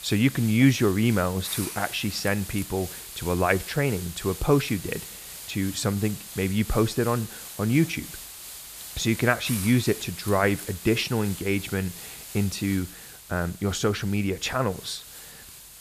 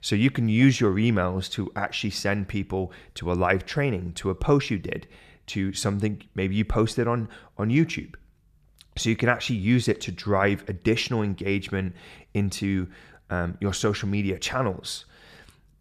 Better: second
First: hiss; noticeable; throughout; 10 dB below the speech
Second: none

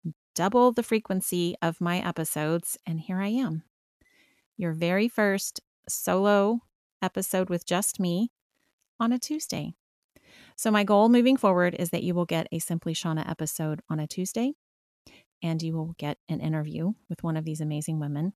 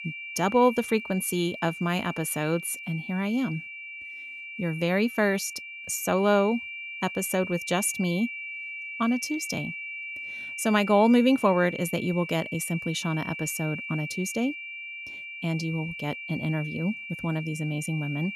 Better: first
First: none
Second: high-pitched whine; loud; throughout; 2.5 kHz, 9 dB below the speech

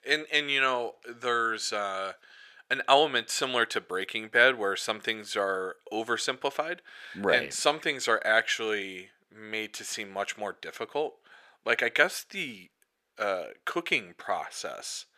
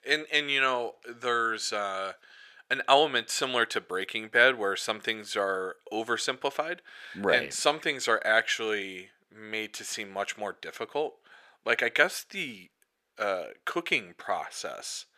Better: neither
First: thin; very; fading below 500 Hz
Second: thin; very; fading below 500 Hz

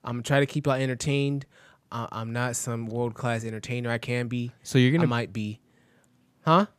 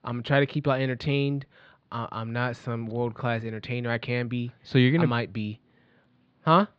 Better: first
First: none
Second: muffled; slightly; fading above 4 kHz

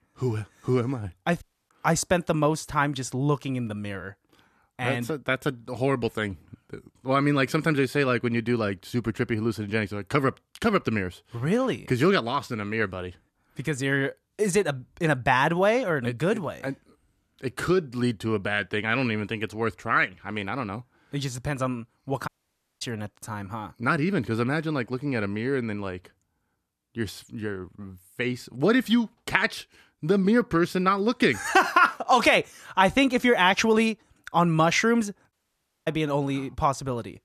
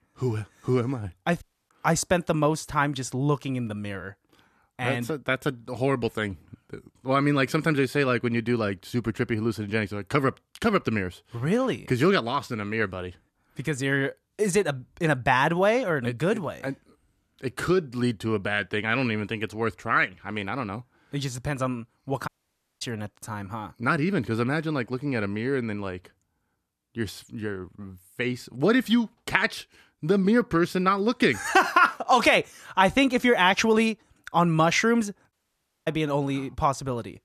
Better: neither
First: audio cutting out; at 1.5 s, at 22 s for 0.5 s and at 35 s for 0.5 s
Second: audio cutting out; at 1.5 s, at 22 s for 0.5 s and at 35 s for 0.5 s

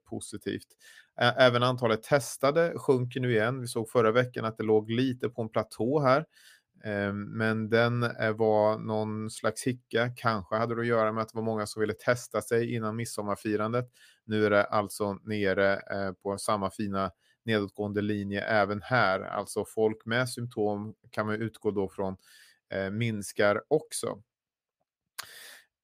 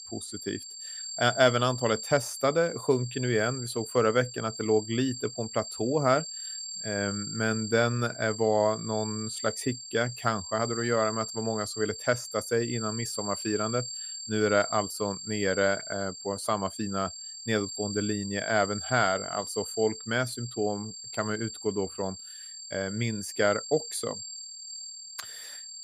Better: first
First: none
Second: high-pitched whine; loud; throughout; 7.5 kHz, 8 dB below the speech

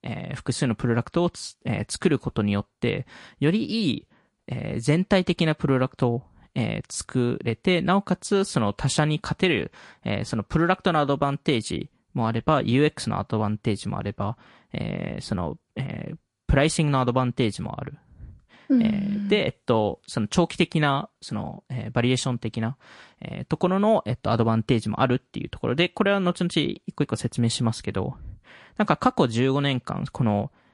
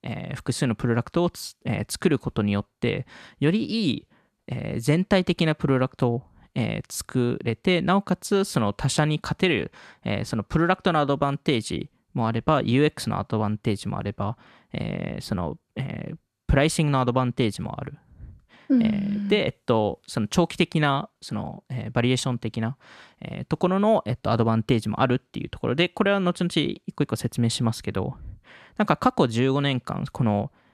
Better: second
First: garbled, watery; slightly; nothing above 10 kHz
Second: none

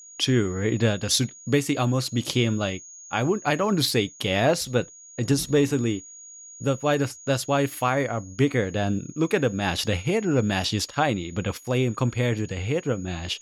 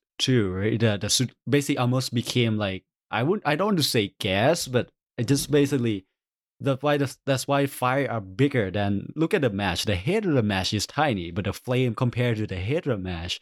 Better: second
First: high-pitched whine; noticeable; throughout; 6.5 kHz, 20 dB below the speech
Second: none

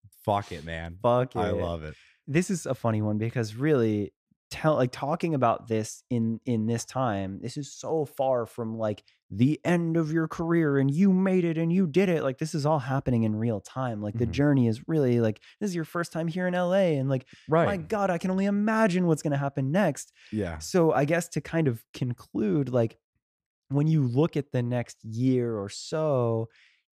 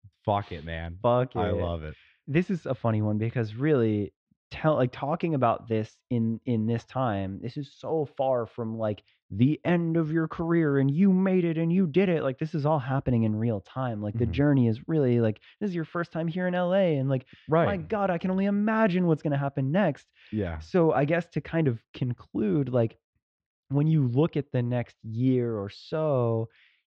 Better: first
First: none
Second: muffled; slightly; fading above 3.5 kHz

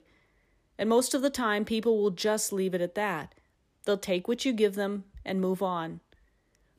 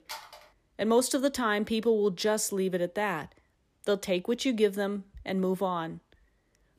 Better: first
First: none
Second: phone ringing; faint; at the start; peak 15 dB below the speech

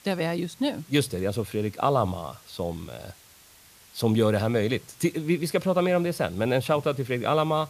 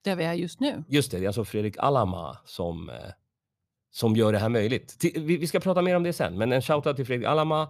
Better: second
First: hiss; faint; throughout; 25 dB below the speech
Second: none

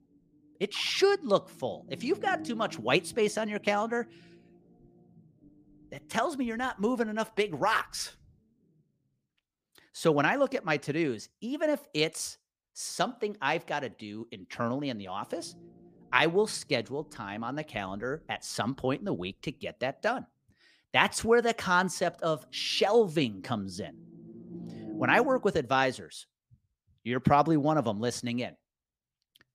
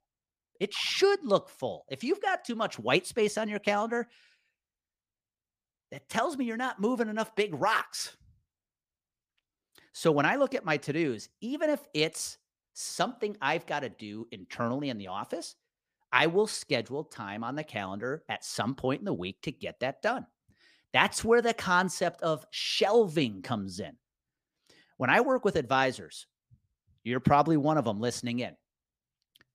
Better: second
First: low rumble; faint; until 11 s and from 15 to 25 s; 25 dB below the speech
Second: none

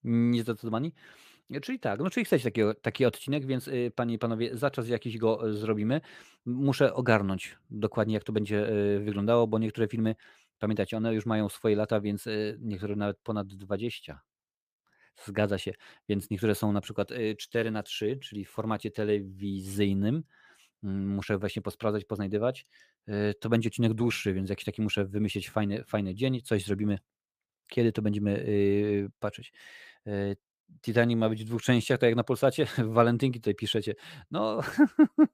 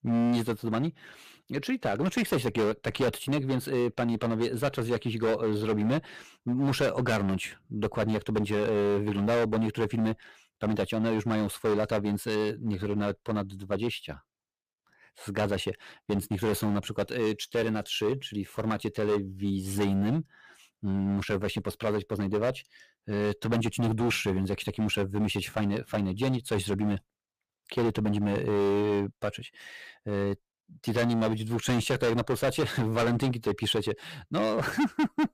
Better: first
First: none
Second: distortion; heavy; 12% of the sound clipped

